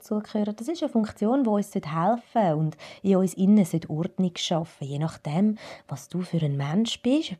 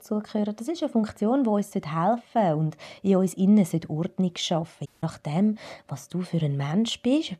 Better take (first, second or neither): first